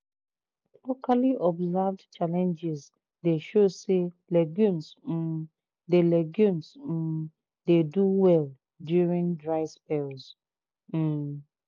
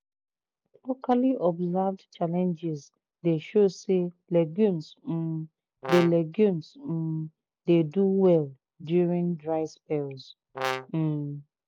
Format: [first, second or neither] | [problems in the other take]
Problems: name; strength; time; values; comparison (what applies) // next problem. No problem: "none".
first | background sound (Brass instrument); 7 dB below the speech